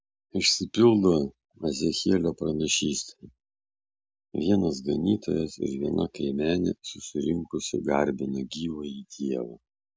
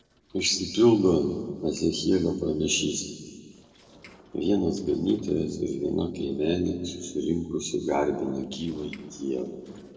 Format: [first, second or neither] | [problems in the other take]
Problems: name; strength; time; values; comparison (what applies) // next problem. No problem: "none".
first | noise reduction (neural separator model SepFormer DNS4)